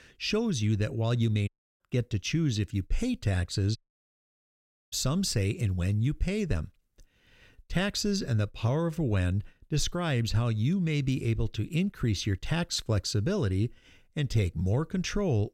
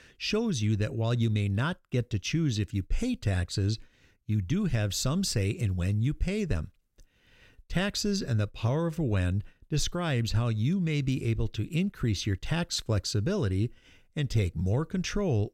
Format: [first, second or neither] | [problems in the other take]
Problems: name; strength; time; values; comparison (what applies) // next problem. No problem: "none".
second | audio cutting out; at 1.5 s and at 4 s for 1 s